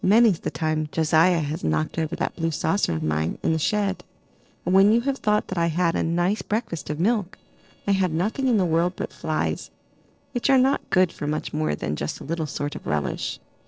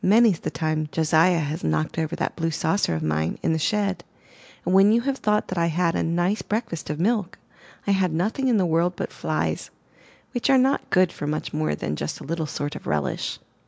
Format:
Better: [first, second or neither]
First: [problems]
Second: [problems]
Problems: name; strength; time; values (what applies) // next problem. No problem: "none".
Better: second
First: noise reduction (neural separator model SepFormer DNS4)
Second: none